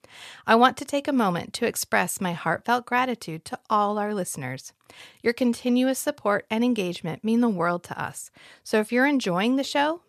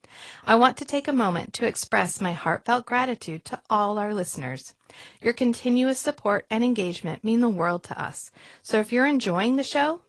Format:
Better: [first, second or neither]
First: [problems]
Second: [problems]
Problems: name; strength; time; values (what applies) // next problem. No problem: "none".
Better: first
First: none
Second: garbled, watery; slightly; nothing above 11.5 kHz